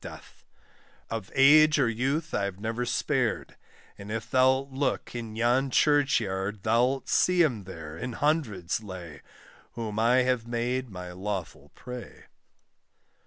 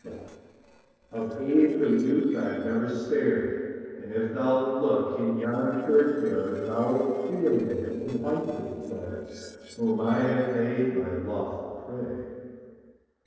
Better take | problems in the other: first | noise reduction (neural separator model SepFormer DNS4)

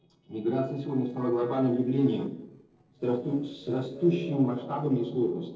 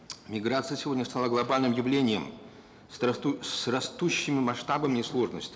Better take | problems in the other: second | noise reduction (neural separator model SepFormer DNS4)

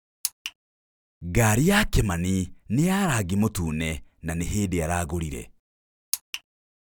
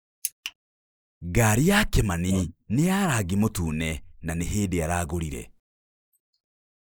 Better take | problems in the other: first | noise reduction (neural mask model Resemble Enhance denoiser)

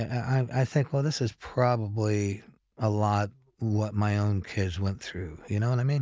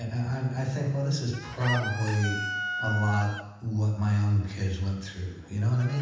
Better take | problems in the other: first | background sound (Chicken, rooster); 10 dB below the speech // room echo; dies away in 1.1 s

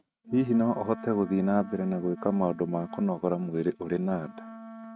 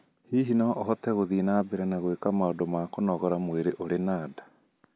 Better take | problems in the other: second | noise reduction (neural mask model RNNoise)

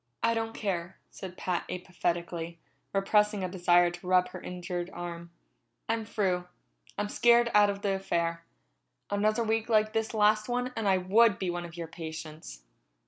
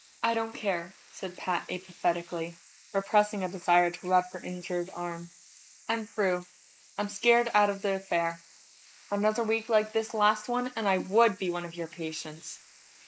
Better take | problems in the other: first | noise reduction (neural mask model Resemble Enhance denoiser)

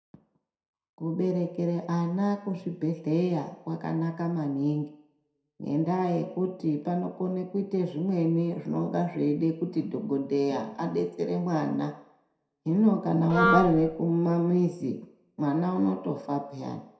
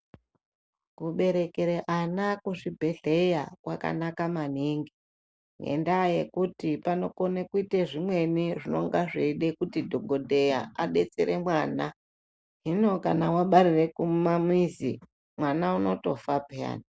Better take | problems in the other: second | background sound (Wind instrument, woodwind instrument); 1 dB above the speech // room echo; dies away in 0.5 s

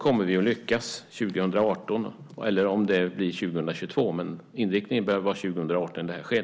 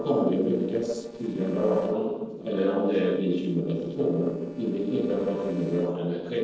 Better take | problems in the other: first | noise reduction (neural separator model SepFormer DNS4)

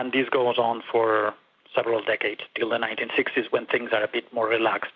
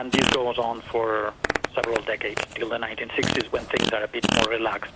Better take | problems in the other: first | background sound (Fart); 1 dB below the speech

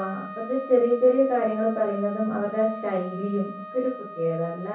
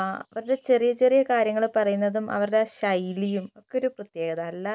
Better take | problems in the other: second | background sound (Wind instrument, woodwind instrument); 14 dB below the speech // room echo; dies away in 0.6 s

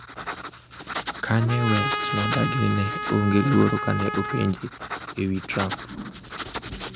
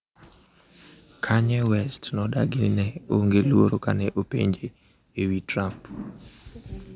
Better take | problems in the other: second | background sound (Writing + Trumpet); 5 dB below the speech

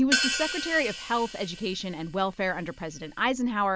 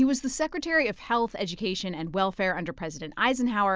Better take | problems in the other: second | background sound (Hi-hat); 5 dB below the speech

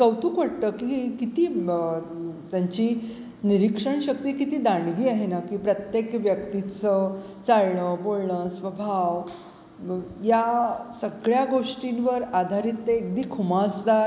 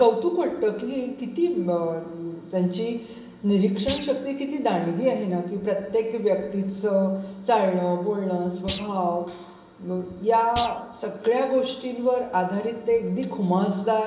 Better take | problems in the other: first | background sound (Thump, thud); 17 dB below the speech // room echo; dies away in 0.6 s

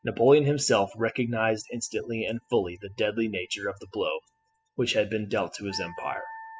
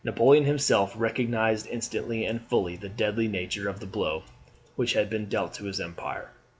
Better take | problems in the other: second | noise reduction (classical method spectral subtraction)

